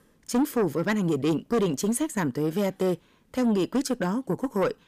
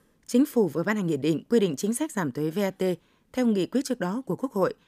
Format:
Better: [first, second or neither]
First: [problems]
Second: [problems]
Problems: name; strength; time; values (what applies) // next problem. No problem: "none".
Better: second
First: distortion; slight; 10 dB below the speech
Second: none